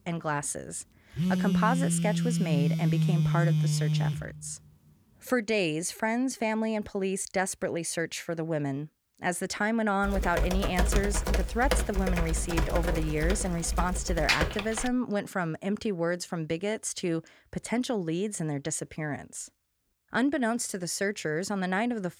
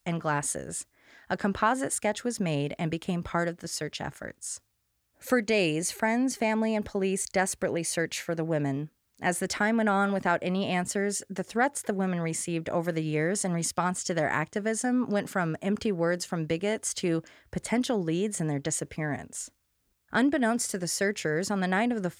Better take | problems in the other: second | phone ringing; loud; from 1 to 4.5 s; peak 5 dB above the speech // keyboard typing; loud; from 10 to 15 s; peak 4 dB above the speech

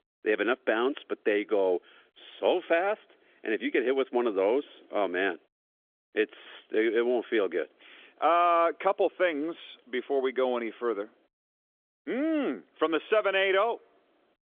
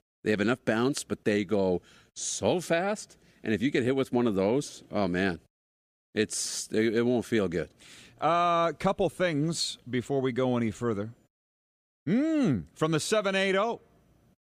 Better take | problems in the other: second | phone-call audio; nothing above 3.5 kHz

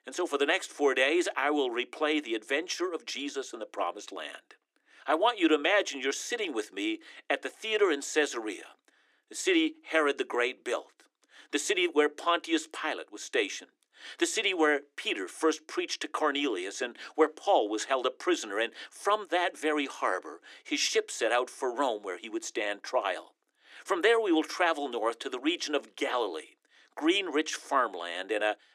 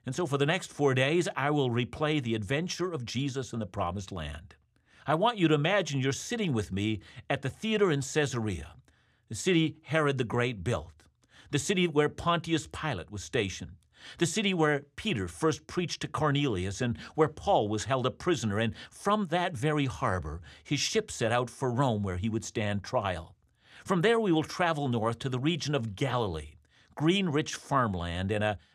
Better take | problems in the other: second | thin; somewhat; fading below 300 Hz

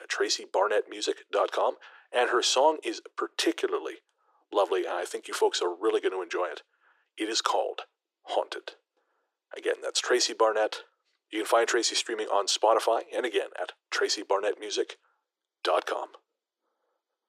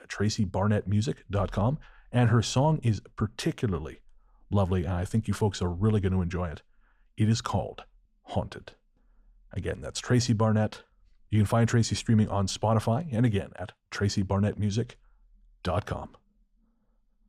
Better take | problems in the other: second | thin; very; fading below 350 Hz

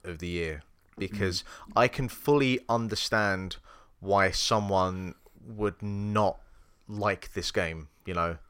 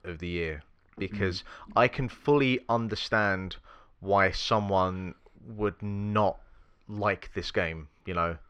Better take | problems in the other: first | muffled; very slightly; fading above 3 kHz

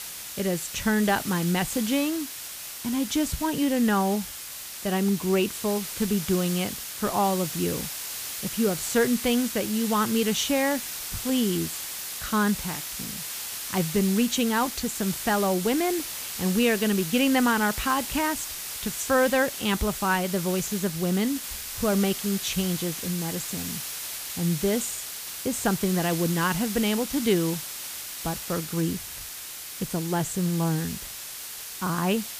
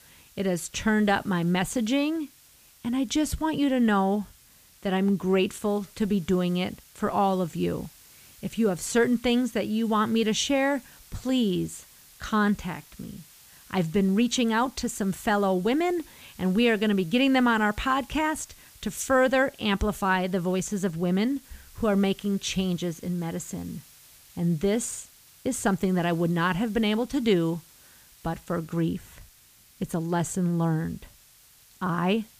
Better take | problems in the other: second | hiss; loud; throughout; 6 dB below the speech; faint in the second

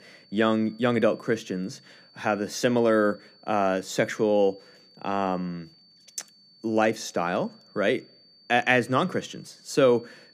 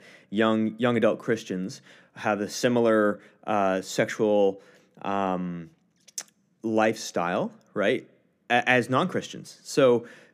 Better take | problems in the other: second | high-pitched whine; faint; throughout; 4.5 kHz, 30 dB below the speech

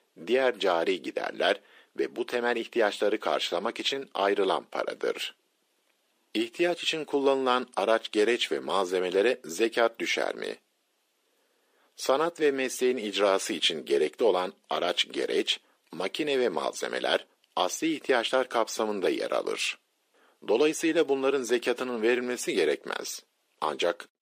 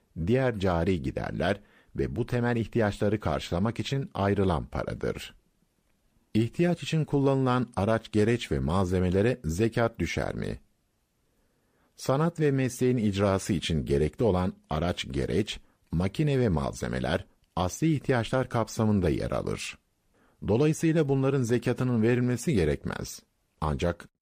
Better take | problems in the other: second | thin; very; fading below 350 Hz

